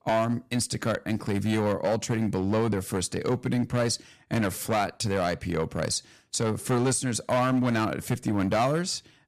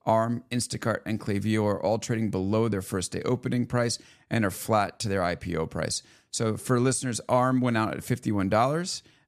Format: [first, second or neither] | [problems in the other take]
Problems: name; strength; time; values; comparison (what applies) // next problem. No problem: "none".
second | distortion; slight; 8% of the sound clipped